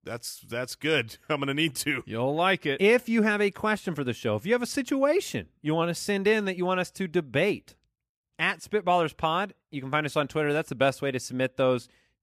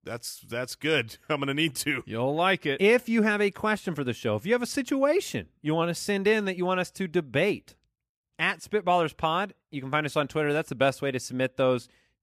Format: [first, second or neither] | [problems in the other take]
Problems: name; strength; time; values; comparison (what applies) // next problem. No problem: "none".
neither | none